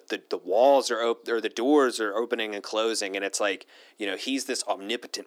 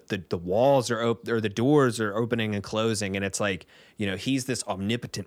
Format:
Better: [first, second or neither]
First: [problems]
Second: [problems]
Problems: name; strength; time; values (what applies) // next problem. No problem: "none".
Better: second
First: thin; somewhat; fading below 300 Hz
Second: none